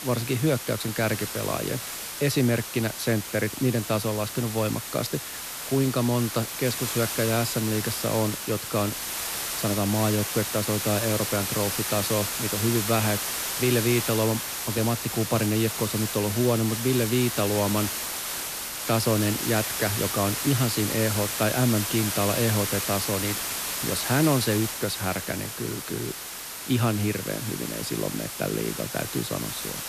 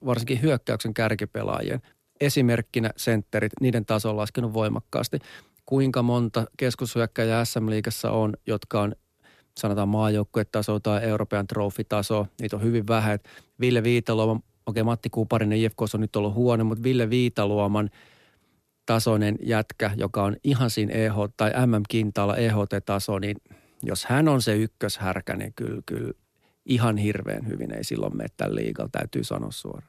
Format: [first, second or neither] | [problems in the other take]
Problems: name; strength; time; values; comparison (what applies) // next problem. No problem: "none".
second | hiss; loud; throughout; 3 dB below the speech